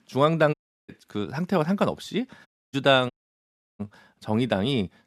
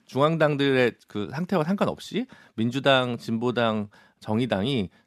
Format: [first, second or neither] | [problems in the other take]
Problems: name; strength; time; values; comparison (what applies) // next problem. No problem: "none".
second | audio cutting out; at 0.5 s, at 2.5 s and at 3 s for 0.5 s